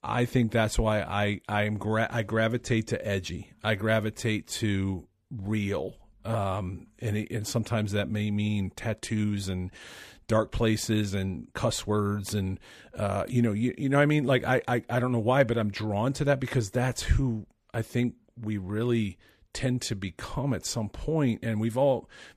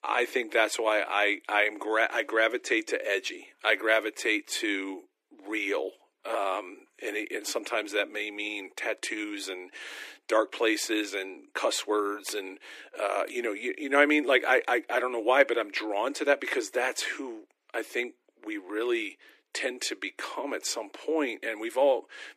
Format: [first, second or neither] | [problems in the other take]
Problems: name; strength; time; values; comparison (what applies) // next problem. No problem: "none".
first | thin; very; fading below 300 Hz